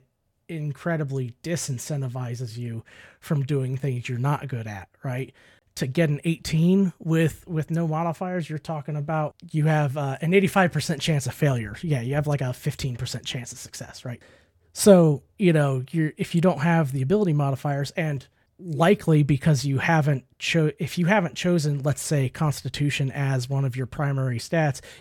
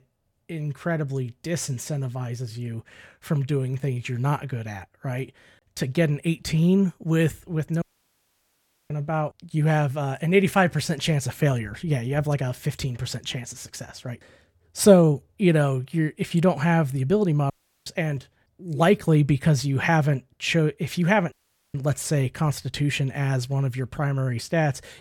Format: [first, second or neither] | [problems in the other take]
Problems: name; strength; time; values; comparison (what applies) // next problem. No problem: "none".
first | audio cutting out; at 8 s for 1 s, at 18 s and at 21 s